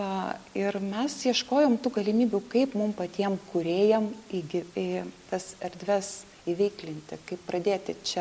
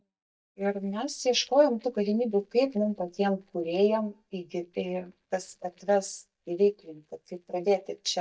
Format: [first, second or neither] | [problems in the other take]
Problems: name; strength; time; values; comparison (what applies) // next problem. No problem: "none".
first | noise reduction (neural mask model DeepFilterNet 3)